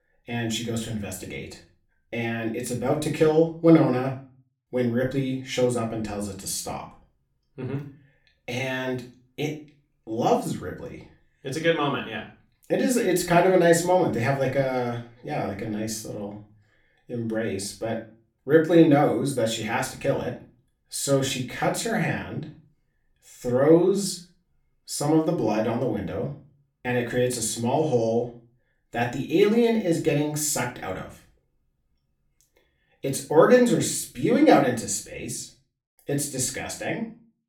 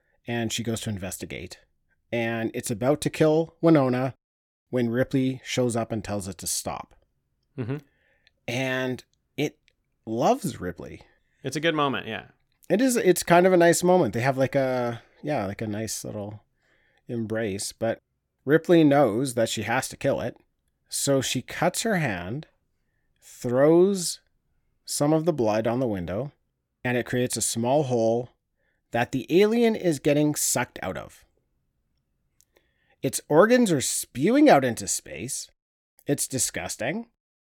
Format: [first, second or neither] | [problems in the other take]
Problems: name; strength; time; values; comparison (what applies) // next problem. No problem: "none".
second | off-mic speech; somewhat distant // room echo; slight; dies away in 0.3 s